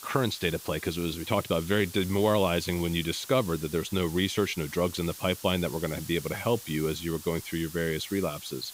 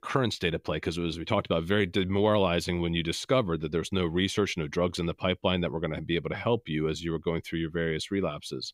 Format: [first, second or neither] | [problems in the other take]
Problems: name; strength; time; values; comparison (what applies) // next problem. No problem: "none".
second | hiss; noticeable; throughout; 15 dB below the speech